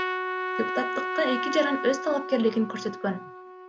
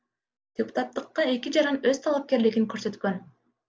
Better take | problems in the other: second | background sound (Trumpet); 4 dB below the speech

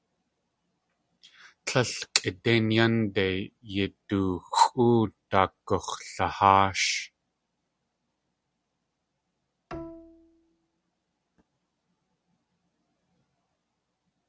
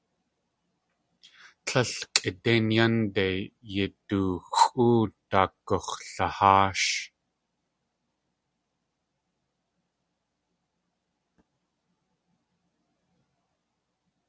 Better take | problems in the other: second | background sound (Bowed string instrument); 17 dB below the speech

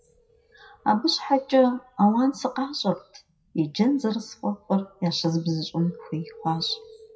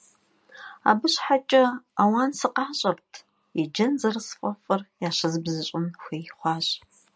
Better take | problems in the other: second | noise reduction (classical method WPE with log-MMSE)

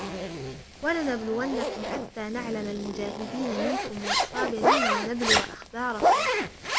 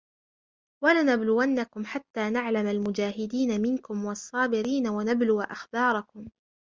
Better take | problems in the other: second | background sound (Zipper (clothing)); 4 dB above the speech

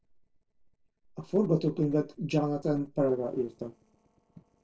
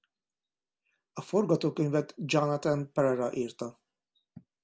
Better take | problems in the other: second | noise reduction (neural separator model SepFormer DNS4)

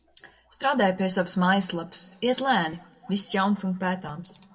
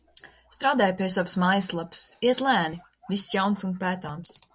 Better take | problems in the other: second | room echo; dies away in 1.4 s

